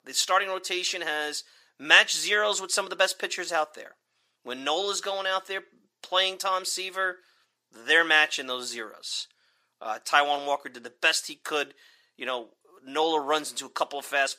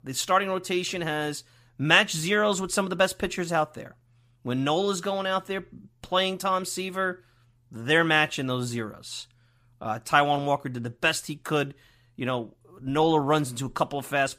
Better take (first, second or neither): second